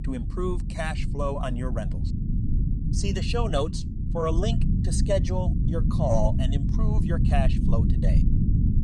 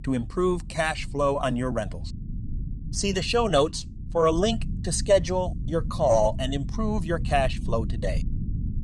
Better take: second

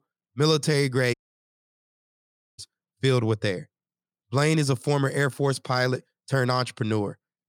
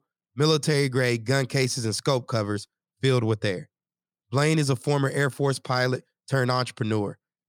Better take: second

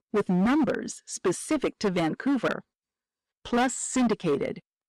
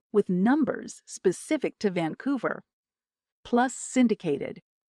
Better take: second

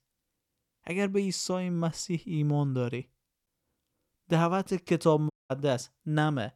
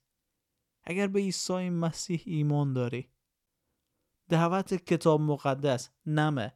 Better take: second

